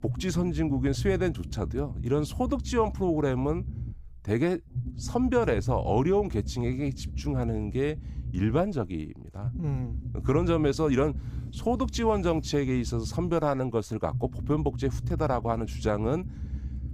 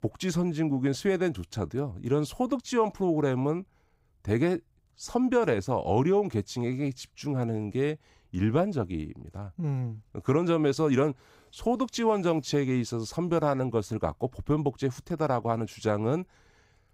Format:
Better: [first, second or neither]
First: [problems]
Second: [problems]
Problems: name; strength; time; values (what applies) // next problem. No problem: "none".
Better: second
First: low rumble; noticeable; throughout; 20 dB below the speech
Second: none